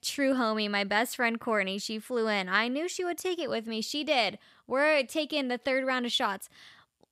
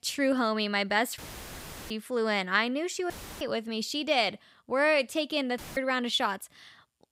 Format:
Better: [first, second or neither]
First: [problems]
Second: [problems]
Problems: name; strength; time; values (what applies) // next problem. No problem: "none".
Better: first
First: none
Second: audio cutting out; filled with static; at 1 s for 0.5 s, at 3 s and at 5.5 s